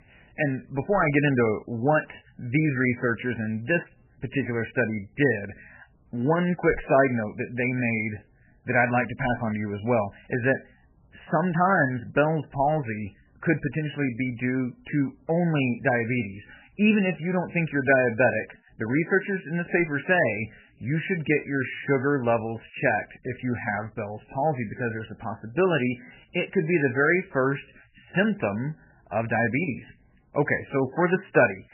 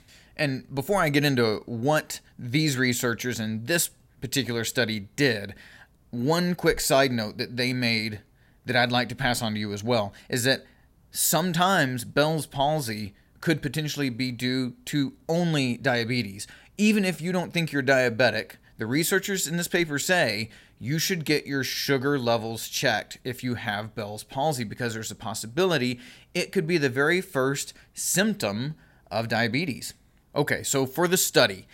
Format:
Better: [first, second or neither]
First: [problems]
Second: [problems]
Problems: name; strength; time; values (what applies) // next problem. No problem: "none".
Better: second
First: garbled, watery; badly; nothing above 3 kHz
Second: none